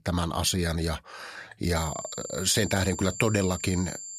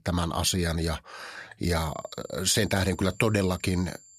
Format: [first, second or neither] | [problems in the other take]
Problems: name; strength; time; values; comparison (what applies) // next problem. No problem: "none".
second | high-pitched whine; loud; from 2 s on; 7.5 kHz, 10 dB below the speech; faint in the second